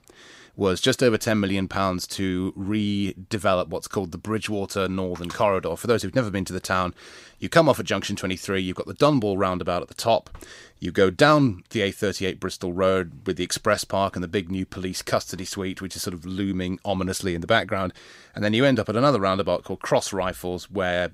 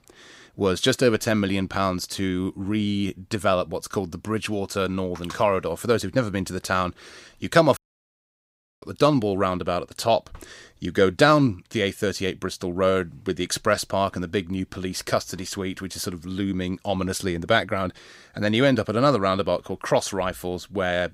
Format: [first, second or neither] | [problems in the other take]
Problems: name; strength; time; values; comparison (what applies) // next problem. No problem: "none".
first | audio cutting out; at 8 s for 1 s